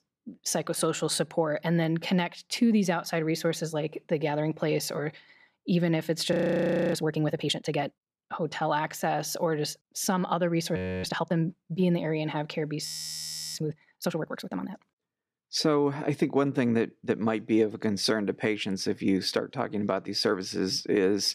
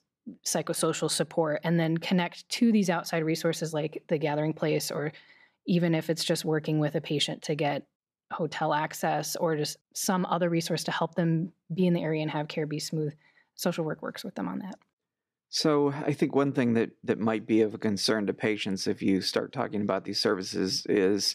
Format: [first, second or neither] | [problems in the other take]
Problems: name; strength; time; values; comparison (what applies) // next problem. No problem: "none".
second | audio freezing; at 6.5 s for 0.5 s, at 11 s and at 13 s for 0.5 s